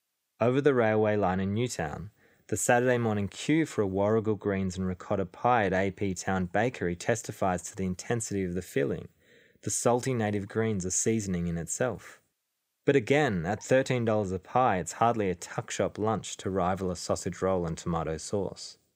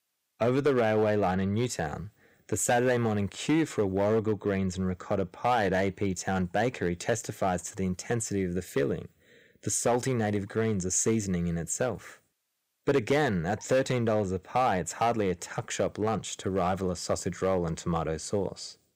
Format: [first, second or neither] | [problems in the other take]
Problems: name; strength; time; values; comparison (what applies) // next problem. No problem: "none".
first | distortion; slight; 3% of the sound clipped